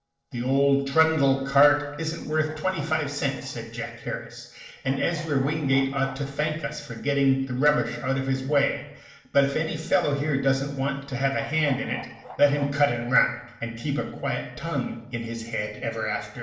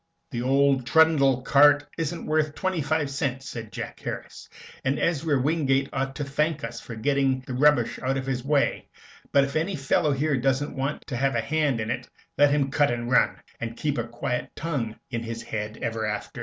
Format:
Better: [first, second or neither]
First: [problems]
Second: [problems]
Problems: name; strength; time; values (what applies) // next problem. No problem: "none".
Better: second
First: noise reduction (neural separator model SepFormer DNS4)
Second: none